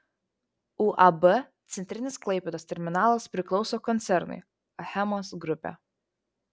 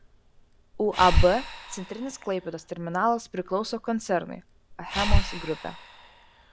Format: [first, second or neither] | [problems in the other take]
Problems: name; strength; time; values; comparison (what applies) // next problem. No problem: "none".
first | background sound (Breathing); 1 dB below the speech